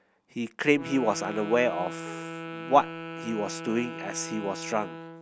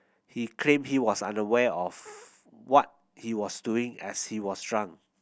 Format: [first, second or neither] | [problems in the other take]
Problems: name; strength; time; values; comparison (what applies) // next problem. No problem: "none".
second | background sound (Wind instrument, woodwind instrument); 10 dB below the speech